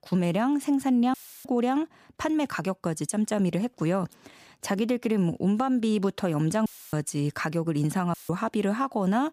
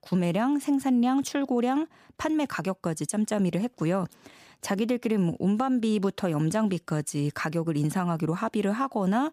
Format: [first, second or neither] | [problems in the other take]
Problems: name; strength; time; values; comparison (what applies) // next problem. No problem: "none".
second | audio cutting out; filled with static; at 1 s, at 6.5 s and at 8 s